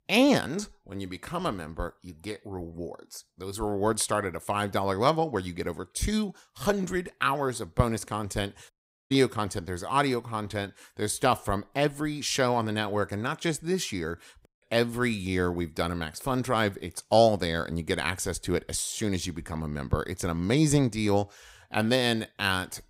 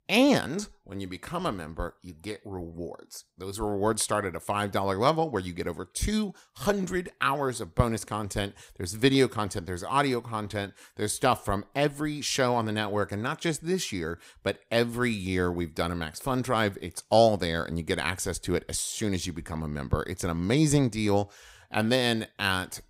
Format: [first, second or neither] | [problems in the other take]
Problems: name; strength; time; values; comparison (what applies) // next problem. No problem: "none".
second | audio cutting out; at 8.5 s and at 14 s